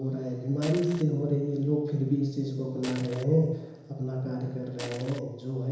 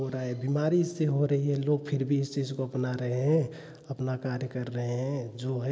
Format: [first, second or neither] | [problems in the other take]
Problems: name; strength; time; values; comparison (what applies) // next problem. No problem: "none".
second | background sound (Crushing); 12 dB below the speech // room echo; dies away in 1 s